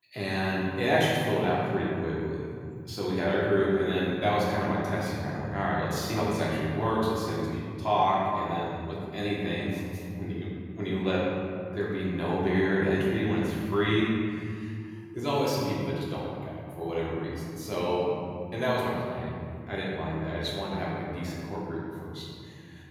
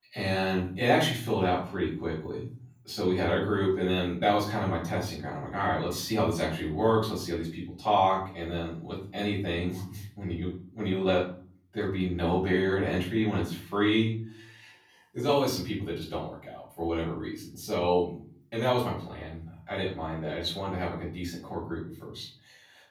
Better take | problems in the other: second | room echo; strong; dies away in 2.7 s; slight in the second // off-mic speech; far; far in the second

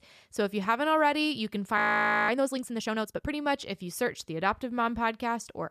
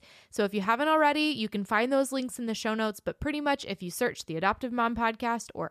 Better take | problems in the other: second | audio freezing; at 2 s

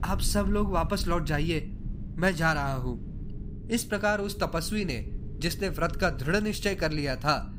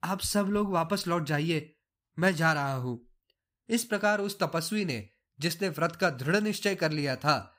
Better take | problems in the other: second | low rumble; faint; throughout; 20 dB below the speech

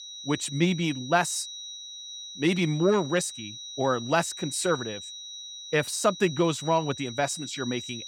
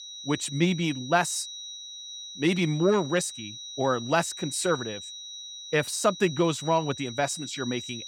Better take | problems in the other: neither | high-pitched whine; noticeable; throughout; 4 kHz, 10 dB below the speech; the same in both

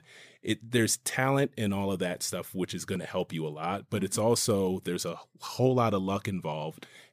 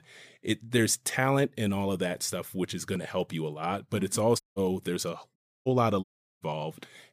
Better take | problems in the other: first | audio cutting out; at 4.5 s, at 5.5 s and at 6 s

